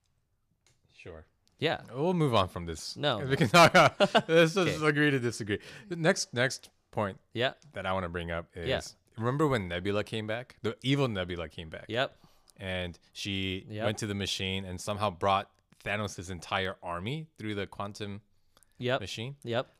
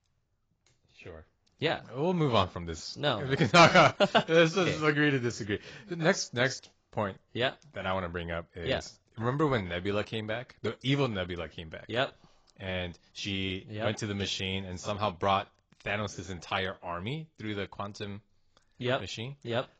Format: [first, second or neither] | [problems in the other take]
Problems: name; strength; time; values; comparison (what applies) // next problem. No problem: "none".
first | garbled, watery; badly; nothing above 7.5 kHz